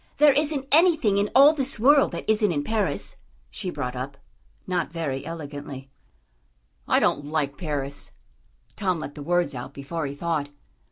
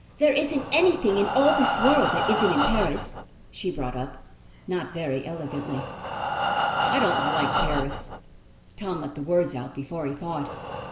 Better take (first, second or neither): first